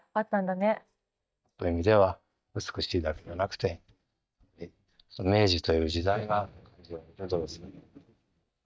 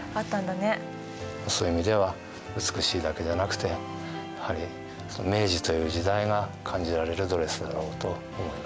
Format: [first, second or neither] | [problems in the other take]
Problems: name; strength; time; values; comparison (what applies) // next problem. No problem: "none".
second | noise reduction (neural mask model DeepFilterNet 3)